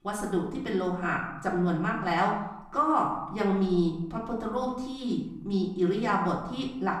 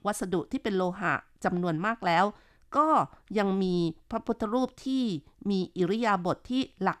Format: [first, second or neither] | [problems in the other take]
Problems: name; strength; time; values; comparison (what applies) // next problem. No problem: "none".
second | off-mic speech; far // room echo; slight; dies away in 0.8 s